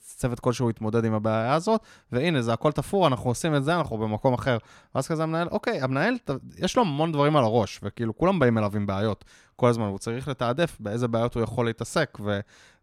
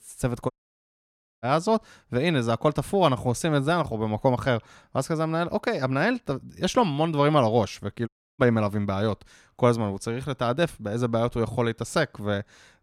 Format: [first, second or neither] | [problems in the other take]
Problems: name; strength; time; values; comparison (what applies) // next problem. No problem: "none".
first | audio cutting out; at 0.5 s for 1 s and at 8 s